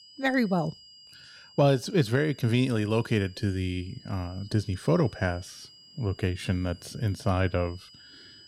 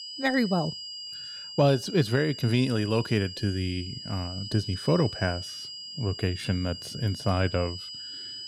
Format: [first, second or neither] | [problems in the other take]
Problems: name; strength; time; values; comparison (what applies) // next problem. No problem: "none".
first | high-pitched whine; loud; throughout; 5 kHz, 9 dB below the speech; faint in the first